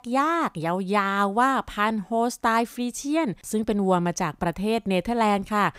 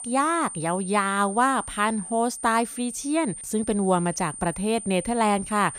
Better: first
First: none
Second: high-pitched whine; noticeable; throughout; 9 kHz, 10 dB below the speech

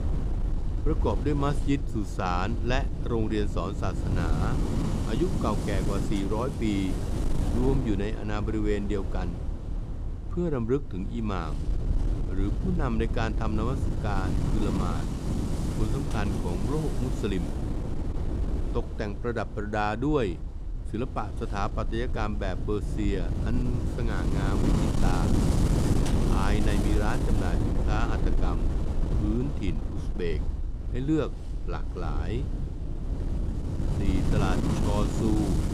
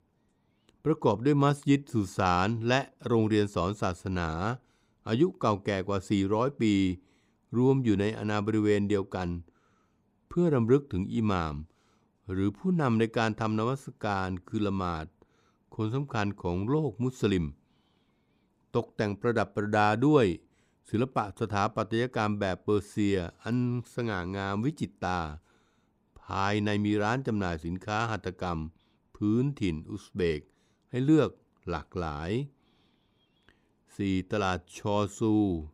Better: second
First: wind noise on the microphone; heavy; 5 dB below the speech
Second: none

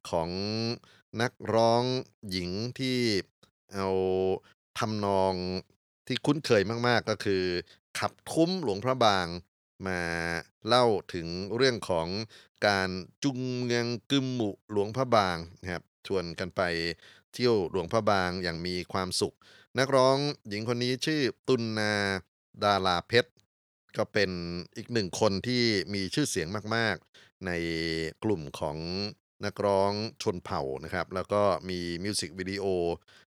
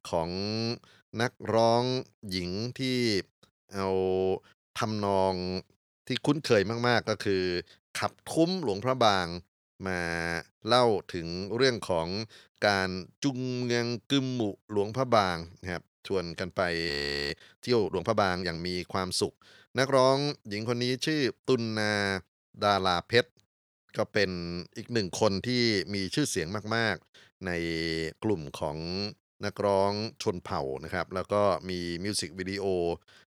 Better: first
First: none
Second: audio freezing; at 17 s

